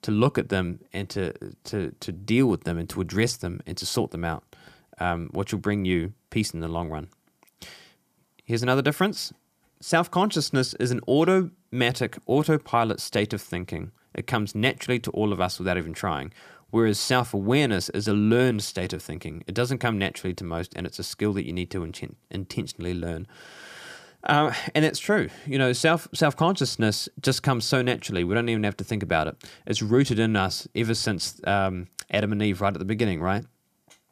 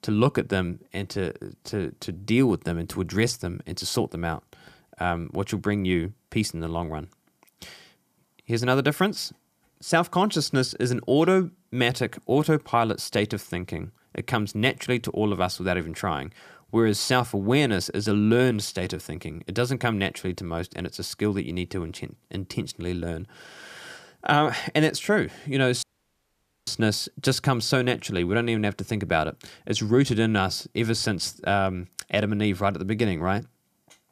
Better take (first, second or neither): first